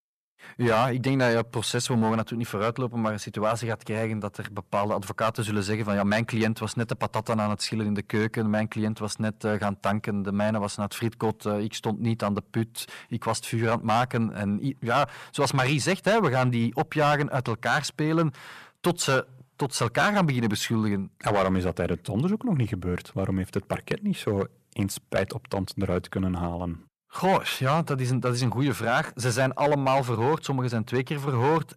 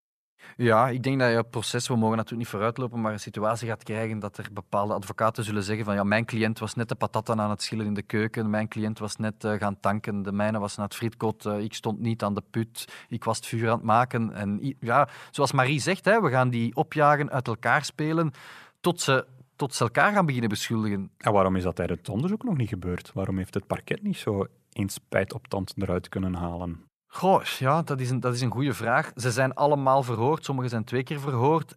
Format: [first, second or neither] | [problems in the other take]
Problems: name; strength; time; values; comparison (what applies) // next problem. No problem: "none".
second | distortion; slight; 4% of the sound clipped